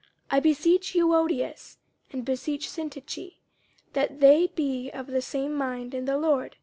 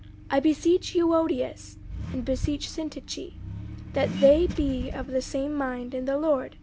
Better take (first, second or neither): first